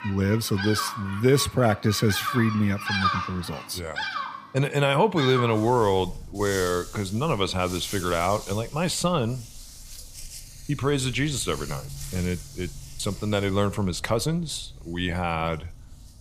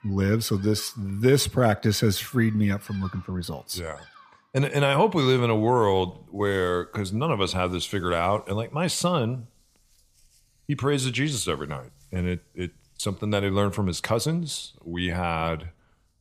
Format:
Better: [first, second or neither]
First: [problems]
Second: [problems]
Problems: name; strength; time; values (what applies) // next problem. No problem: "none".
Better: second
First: animal sounds; loud; throughout; 9 dB below the speech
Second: animal sounds; faint; throughout; 30 dB below the speech